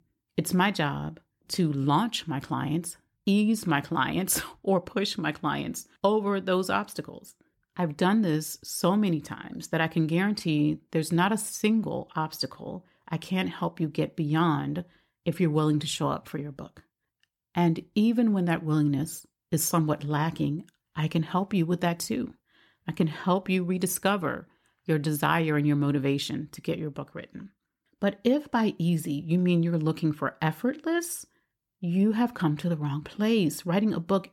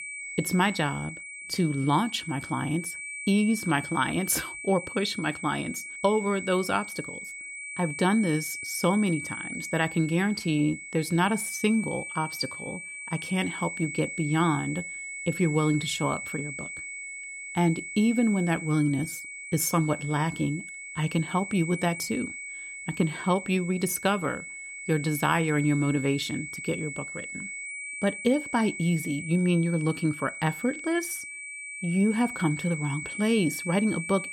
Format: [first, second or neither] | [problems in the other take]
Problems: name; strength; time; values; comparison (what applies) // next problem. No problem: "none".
first | high-pitched whine; loud; throughout; 2 kHz, 8 dB below the speech